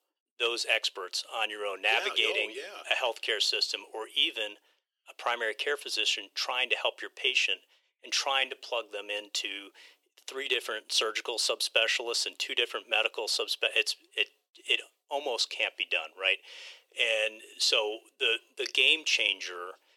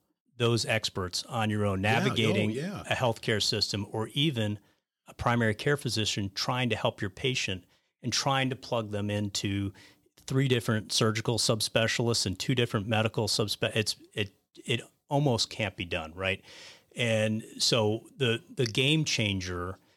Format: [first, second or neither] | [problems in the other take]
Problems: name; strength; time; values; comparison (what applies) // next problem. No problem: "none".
second | thin; very; fading below 400 Hz